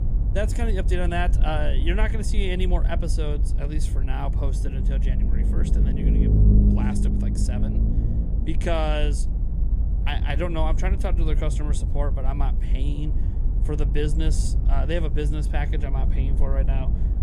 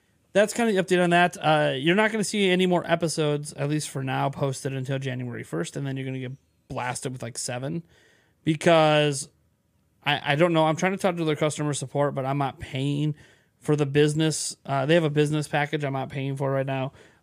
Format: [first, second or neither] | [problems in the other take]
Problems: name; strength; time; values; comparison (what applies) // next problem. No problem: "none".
second | low rumble; loud; throughout; 7 dB below the speech